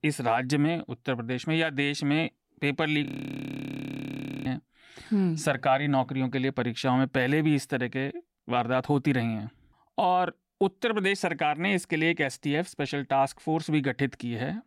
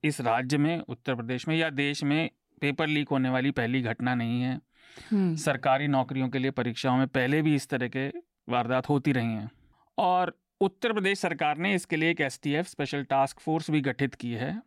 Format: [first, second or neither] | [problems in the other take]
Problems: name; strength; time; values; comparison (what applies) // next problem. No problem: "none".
second | audio freezing; at 3 s for 1.5 s